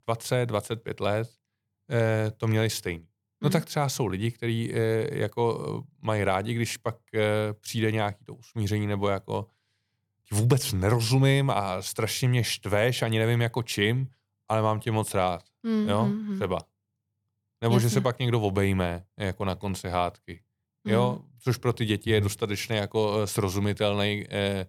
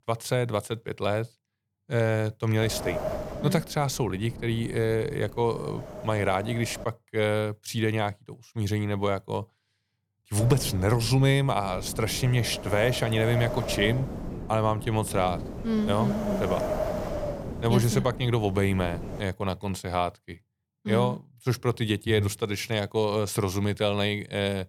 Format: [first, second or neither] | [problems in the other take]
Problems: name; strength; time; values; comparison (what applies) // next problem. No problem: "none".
first | wind noise on the microphone; heavy; from 2.5 to 7 s and from 10 to 19 s; 7 dB below the speech